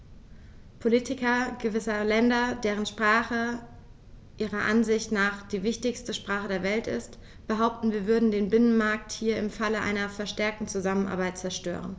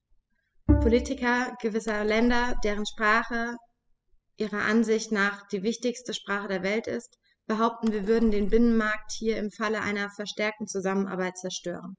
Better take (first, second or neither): first